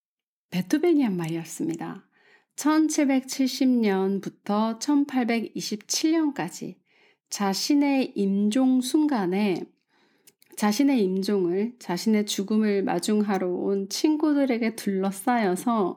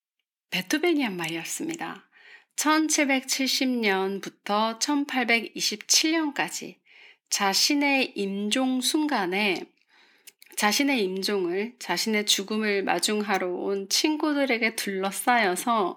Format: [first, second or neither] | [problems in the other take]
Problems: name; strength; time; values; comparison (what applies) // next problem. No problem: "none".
first | thin; somewhat; fading below 800 Hz